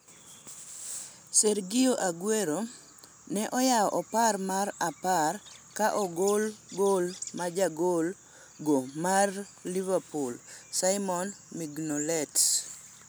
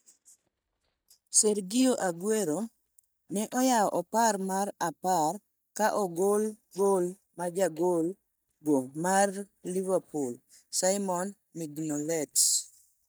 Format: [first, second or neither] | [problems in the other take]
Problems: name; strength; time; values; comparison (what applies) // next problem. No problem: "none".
first | noise reduction (neural mask model DeepFilterNet 3)